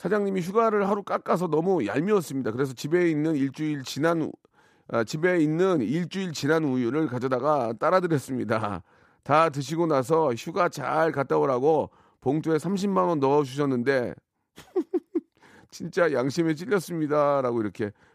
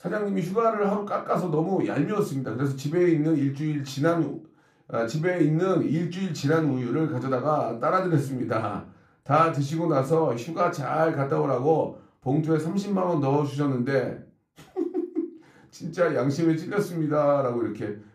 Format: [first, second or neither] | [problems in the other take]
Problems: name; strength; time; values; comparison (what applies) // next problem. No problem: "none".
first | off-mic speech; somewhat distant // room echo; very slight; dies away in 0.3 s